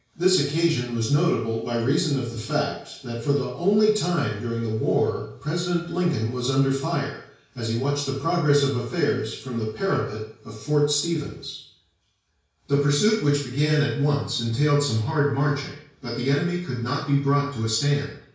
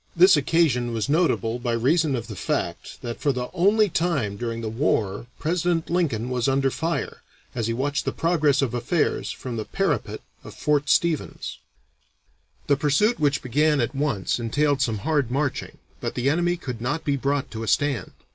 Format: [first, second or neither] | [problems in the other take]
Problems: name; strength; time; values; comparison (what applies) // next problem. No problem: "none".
second | room echo; dies away in 0.5 s